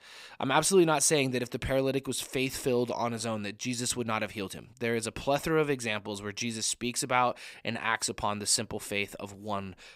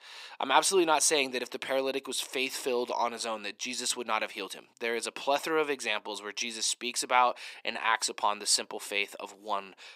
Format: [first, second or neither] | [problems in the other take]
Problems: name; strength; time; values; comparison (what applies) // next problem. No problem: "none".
first | thin; somewhat; fading below 300 Hz